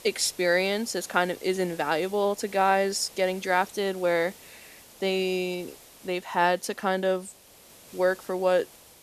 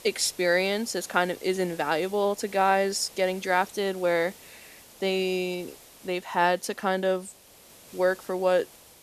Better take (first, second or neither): neither